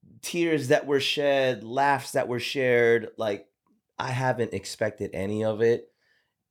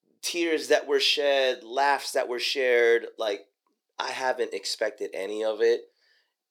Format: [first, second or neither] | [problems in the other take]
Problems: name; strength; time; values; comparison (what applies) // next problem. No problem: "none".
first | thin; somewhat; fading below 350 Hz